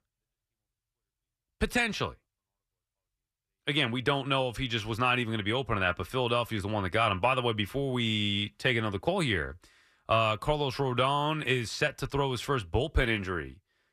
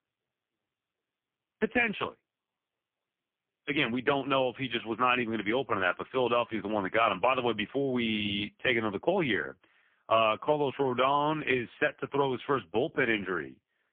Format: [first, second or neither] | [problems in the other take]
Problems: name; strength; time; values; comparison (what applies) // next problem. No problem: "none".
first | phone-call audio; poor line; nothing above 3.5 kHz